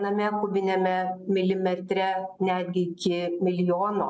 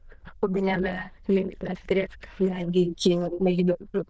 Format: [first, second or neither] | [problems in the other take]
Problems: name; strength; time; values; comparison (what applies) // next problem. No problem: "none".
first | noise reduction (neural diffusion model UNIVERSE++)